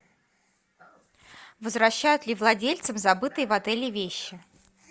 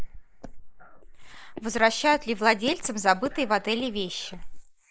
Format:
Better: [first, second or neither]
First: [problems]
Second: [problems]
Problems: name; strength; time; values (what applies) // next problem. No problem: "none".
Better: first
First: none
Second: noise reduction (neural mask model Resemble Enhance denoiser)